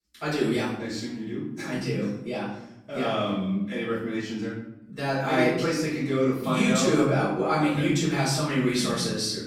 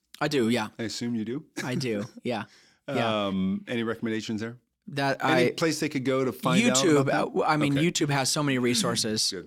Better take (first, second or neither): second